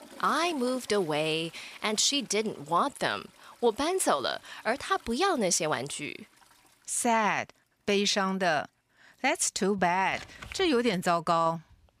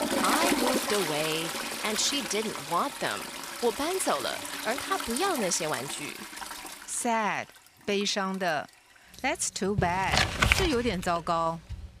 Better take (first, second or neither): first